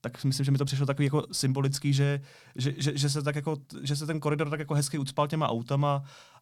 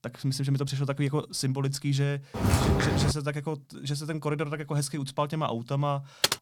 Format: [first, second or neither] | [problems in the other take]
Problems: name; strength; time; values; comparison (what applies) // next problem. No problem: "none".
first | footsteps; loud; at 2.5 s; peak 6 dB above the speech // keyboard typing; loud; at 6 s; peak 3 dB above the speech